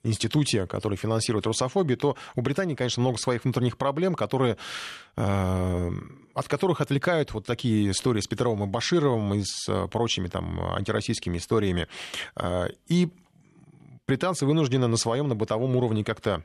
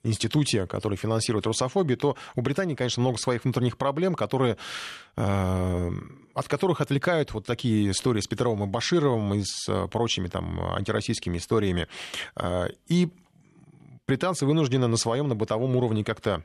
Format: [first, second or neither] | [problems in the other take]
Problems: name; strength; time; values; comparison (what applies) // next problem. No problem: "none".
neither | none